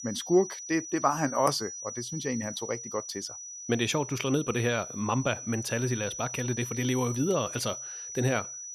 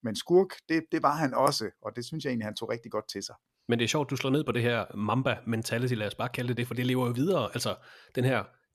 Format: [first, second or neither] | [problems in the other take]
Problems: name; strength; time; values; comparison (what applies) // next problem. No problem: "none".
second | high-pitched whine; loud; throughout; 6 kHz, 8 dB below the speech